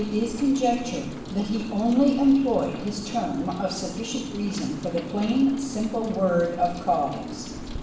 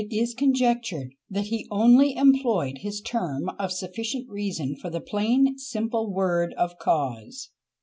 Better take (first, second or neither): second